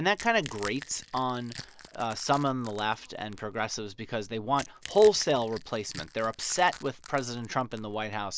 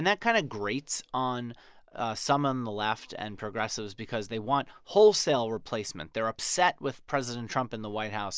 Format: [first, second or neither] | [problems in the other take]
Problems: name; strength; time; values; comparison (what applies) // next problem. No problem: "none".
second | background sound (Crack / Crushing); 19 dB below the speech